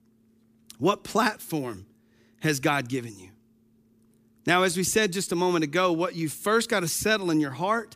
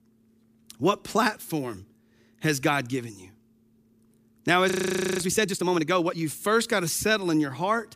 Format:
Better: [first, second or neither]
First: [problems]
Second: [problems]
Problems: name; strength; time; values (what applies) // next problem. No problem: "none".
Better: first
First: none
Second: audio freezing; at 4.5 s for 0.5 s